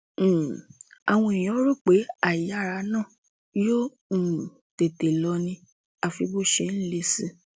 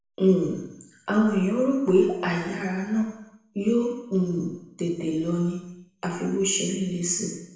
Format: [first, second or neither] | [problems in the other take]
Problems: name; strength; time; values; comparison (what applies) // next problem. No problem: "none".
first | room echo; dies away in 0.8 s